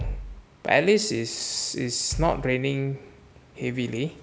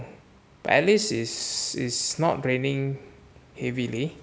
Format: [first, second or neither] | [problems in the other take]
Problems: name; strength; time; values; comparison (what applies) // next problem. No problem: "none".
second | background sound (Bass drum); 12 dB below the speech